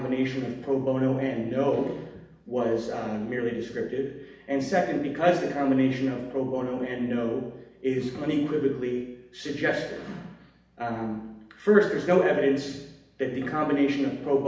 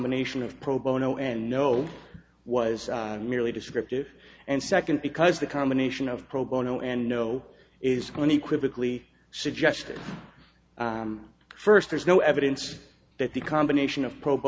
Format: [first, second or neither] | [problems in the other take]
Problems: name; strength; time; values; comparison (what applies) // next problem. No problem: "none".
second | room echo; dies away in 0.8 s